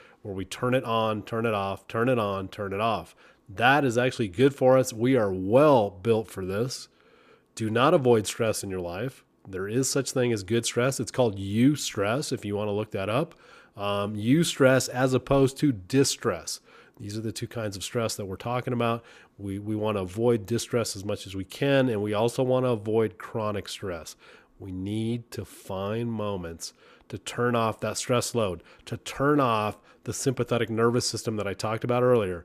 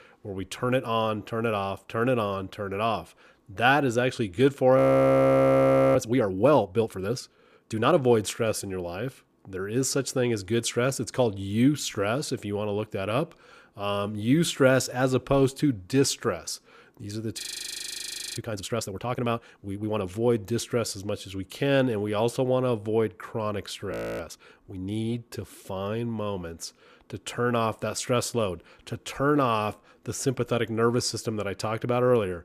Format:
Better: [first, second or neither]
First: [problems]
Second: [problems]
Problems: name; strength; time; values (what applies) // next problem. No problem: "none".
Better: first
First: none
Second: audio freezing; at 5 s for 1 s, at 17 s for 1 s and at 24 s